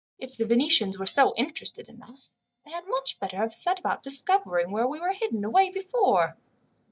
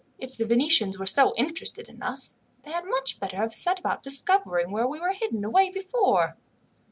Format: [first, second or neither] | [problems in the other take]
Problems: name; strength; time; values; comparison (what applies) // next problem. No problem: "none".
second | noise reduction (neural mask model DeepFilterNet 3)